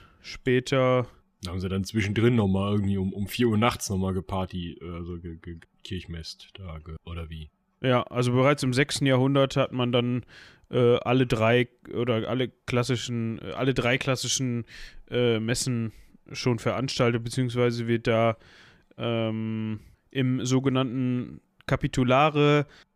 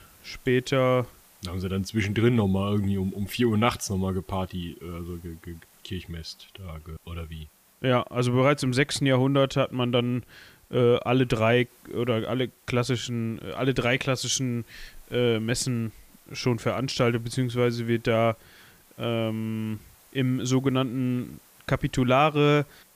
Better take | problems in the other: first | hiss; faint; throughout; 30 dB below the speech

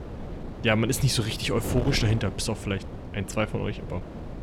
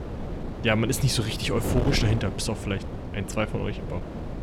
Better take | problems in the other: first | wind noise on the microphone; heavy; 8 dB below the speech; occasional gusts in the first

